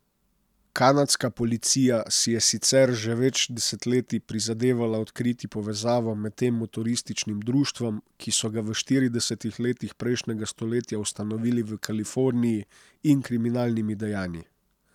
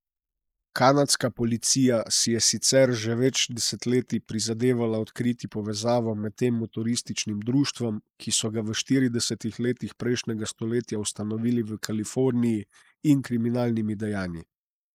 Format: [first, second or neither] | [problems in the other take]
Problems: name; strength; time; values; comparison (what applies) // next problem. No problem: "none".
first | noise reduction (neural mask model Resemble Enhance denoiser)